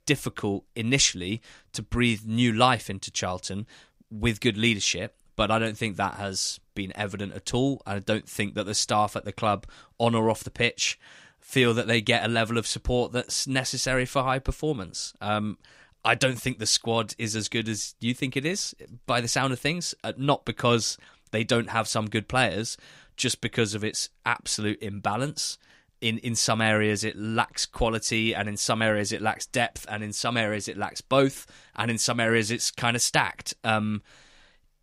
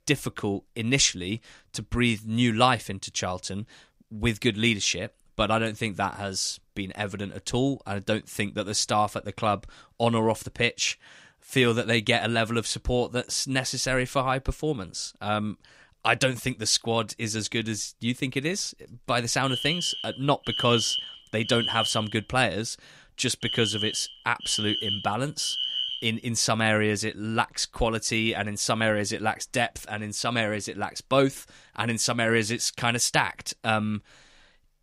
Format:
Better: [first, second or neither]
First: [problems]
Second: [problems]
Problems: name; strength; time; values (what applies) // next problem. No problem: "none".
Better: first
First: none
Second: alarm; noticeable; from 19 to 26 s; peak level with the speech